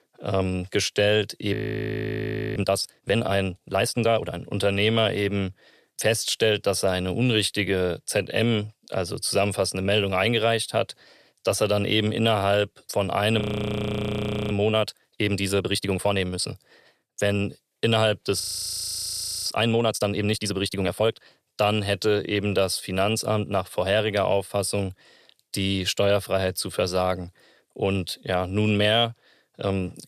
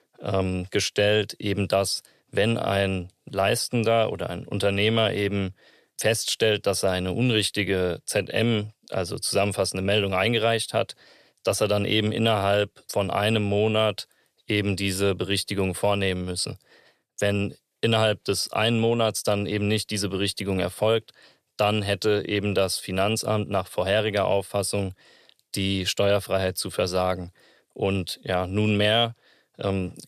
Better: second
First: audio freezing; at 1.5 s for 1 s, at 13 s for 1 s and at 18 s for 1 s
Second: none

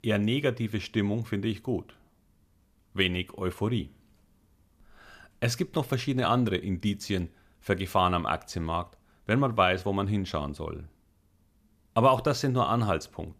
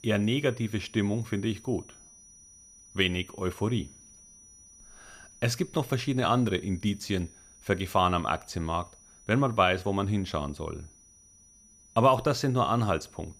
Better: first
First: none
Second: high-pitched whine; faint; throughout; 6 kHz, 25 dB below the speech

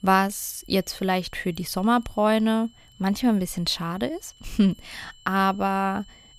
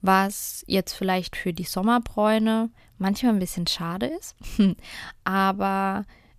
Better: second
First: high-pitched whine; faint; throughout; 3 kHz, 30 dB below the speech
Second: none

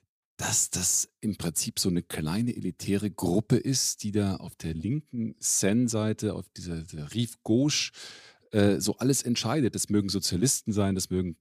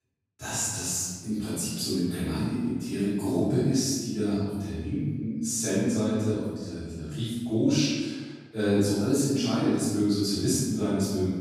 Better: first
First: none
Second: off-mic speech; far // room echo; strong; dies away in 1.3 s

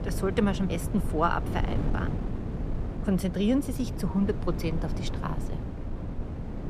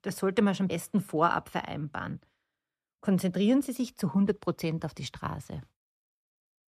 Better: second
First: wind noise on the microphone; heavy; 9 dB below the speech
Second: none

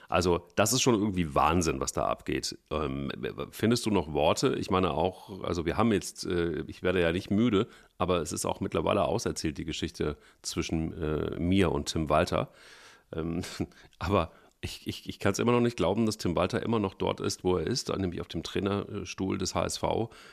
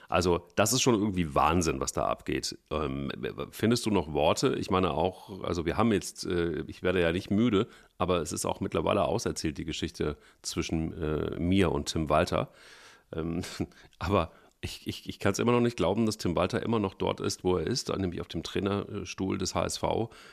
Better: neither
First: none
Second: none

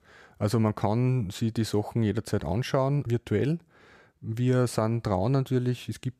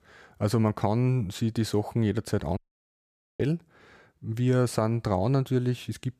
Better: first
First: none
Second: audio cutting out; at 2.5 s for 1 s

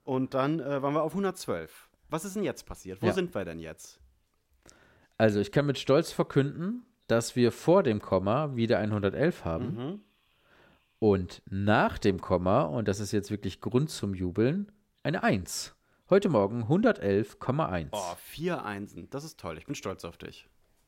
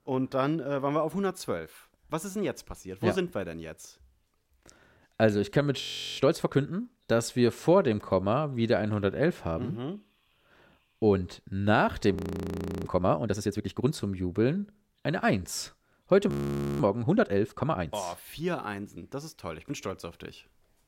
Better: first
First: none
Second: audio freezing; at 6 s, at 12 s for 0.5 s and at 16 s

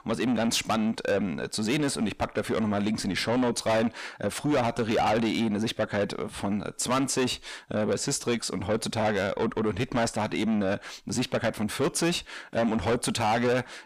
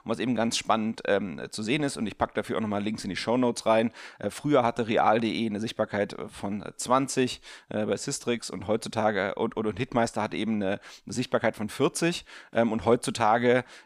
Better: second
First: distortion; heavy; 6 dB below the speech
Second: none

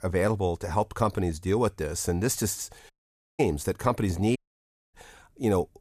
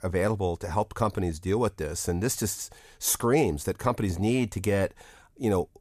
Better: second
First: audio cutting out; at 3 s and at 4.5 s for 0.5 s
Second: none

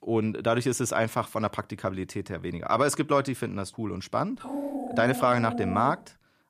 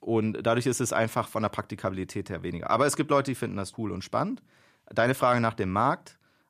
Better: second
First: dog barking; noticeable; from 4.5 to 6 s; peak 5 dB below the speech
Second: none

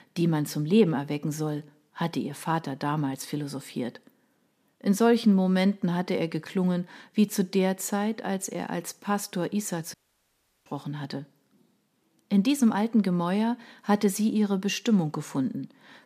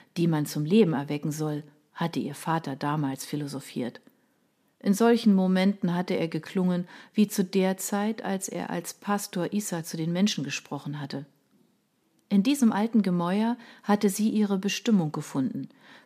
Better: second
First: audio cutting out; at 10 s for 0.5 s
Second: none

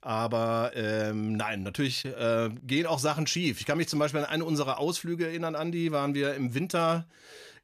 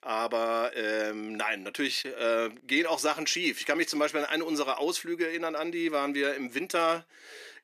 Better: first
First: none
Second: thin; very slightly; fading below 300 Hz

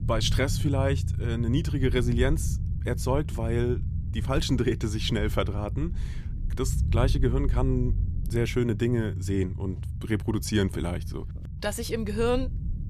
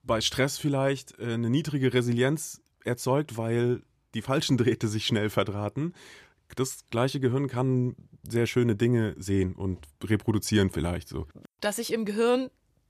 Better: second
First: low rumble; noticeable; throughout; 15 dB below the speech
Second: none

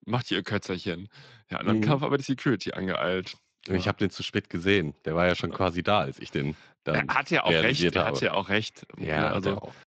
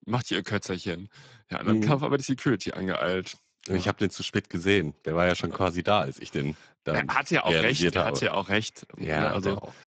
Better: first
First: garbled, watery; slightly; nothing above 7.5 kHz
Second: garbled, watery; badly; nothing above 7.5 kHz

